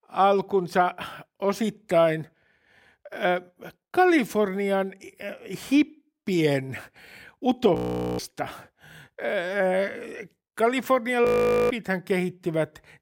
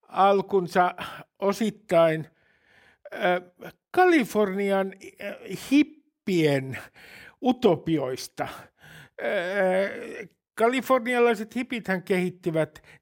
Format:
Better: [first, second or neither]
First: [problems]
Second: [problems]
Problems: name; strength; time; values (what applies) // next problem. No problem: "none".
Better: second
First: audio freezing; at 8 s and at 11 s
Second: none